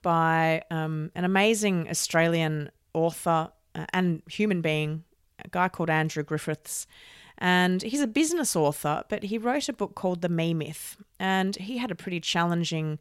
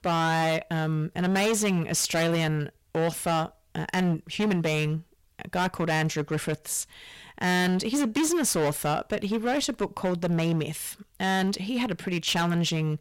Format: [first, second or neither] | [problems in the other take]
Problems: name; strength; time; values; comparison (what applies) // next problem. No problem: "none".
first | distortion; heavy; 16% of the sound clipped